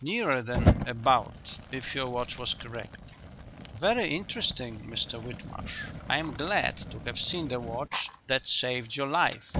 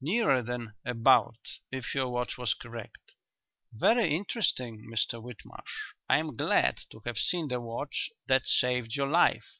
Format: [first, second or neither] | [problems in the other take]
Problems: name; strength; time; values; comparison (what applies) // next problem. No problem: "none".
second | background sound (Fire); 4 dB below the speech